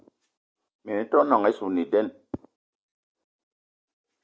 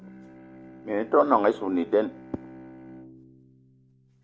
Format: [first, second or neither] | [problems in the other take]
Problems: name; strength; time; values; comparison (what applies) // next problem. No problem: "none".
first | background sound (Bowed string instrument); 18 dB below the speech